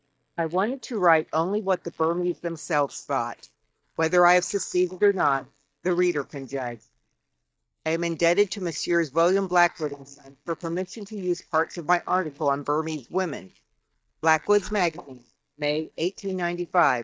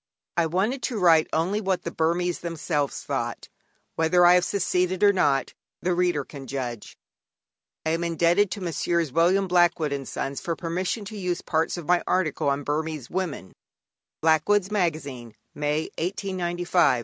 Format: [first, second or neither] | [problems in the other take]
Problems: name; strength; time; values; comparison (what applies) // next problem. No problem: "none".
second | noise reduction (neural mask model DeepFilterNet 3)